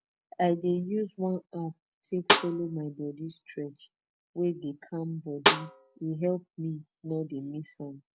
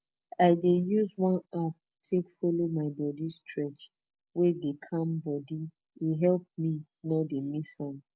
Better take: second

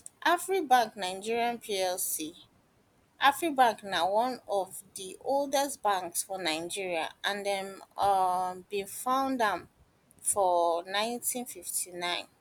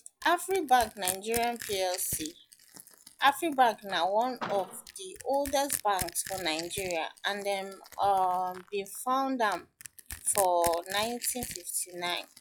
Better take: first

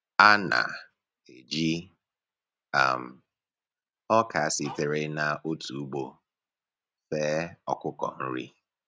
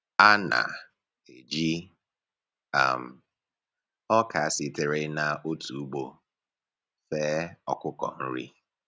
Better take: second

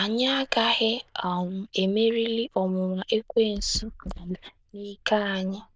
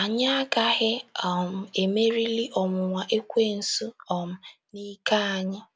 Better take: second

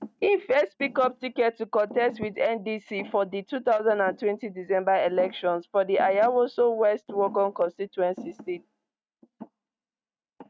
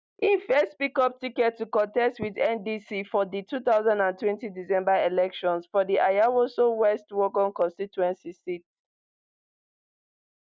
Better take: second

